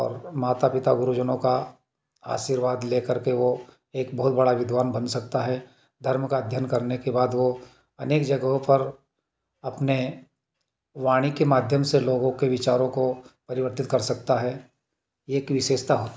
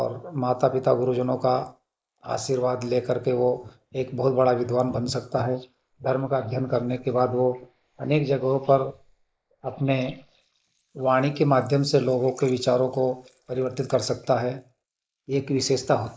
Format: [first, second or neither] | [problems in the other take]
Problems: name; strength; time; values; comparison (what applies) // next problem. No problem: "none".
first | noise reduction (neural mask model Resemble Enhance denoiser)